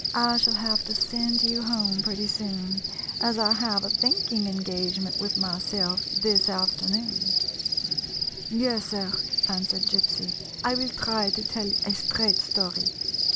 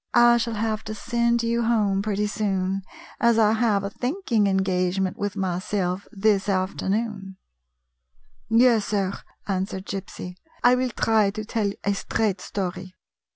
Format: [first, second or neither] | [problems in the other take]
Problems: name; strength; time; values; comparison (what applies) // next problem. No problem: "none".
second | background sound (Cricket); 3 dB above the speech